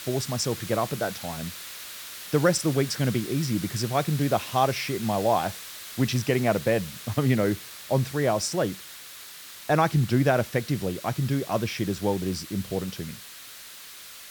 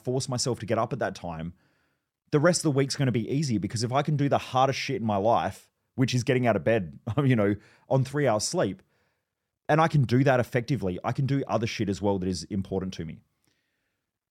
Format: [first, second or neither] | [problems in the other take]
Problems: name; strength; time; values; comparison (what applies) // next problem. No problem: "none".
second | hiss; noticeable; throughout; 10 dB below the speech